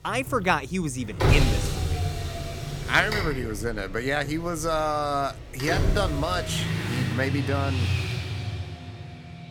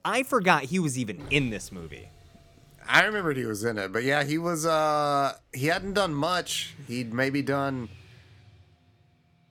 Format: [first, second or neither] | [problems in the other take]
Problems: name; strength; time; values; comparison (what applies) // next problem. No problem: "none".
second | traffic noise; loud; throughout; 1 dB below the speech; faint in the second